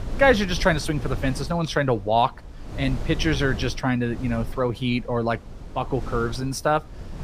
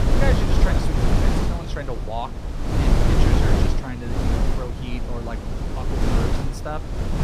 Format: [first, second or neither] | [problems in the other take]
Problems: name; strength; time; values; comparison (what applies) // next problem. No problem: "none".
first | wind noise on the microphone; heavy; 3 dB above the speech; occasional gusts in the first